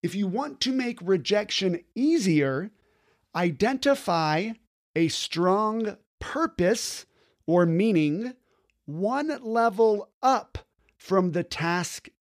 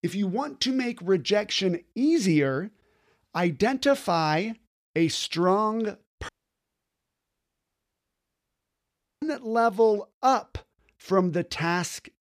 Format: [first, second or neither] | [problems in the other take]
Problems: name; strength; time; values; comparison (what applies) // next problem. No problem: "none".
first | audio cutting out; at 6.5 s for 3 s